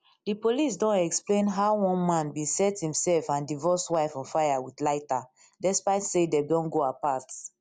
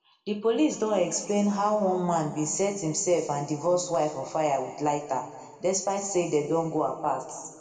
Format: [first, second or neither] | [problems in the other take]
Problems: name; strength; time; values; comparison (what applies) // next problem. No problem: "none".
first | room echo; dies away in 1.8 s